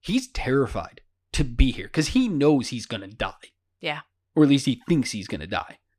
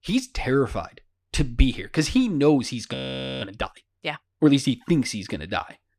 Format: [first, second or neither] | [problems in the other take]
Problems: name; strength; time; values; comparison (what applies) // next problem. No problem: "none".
first | audio freezing; at 3 s